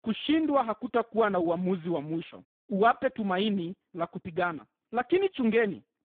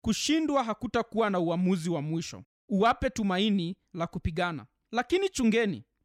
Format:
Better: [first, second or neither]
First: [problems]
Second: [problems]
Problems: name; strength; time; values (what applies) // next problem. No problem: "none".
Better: second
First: phone-call audio; poor line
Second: none